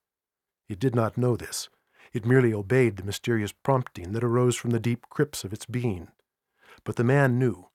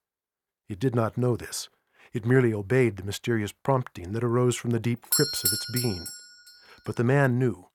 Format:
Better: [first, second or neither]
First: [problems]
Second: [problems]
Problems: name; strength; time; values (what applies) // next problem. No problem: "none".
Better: first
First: none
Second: doorbell; loud; at 5 s; peak 4 dB above the speech